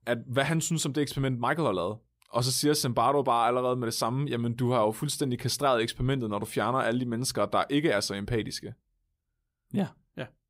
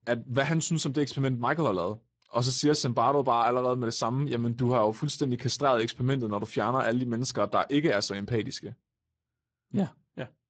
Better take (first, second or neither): first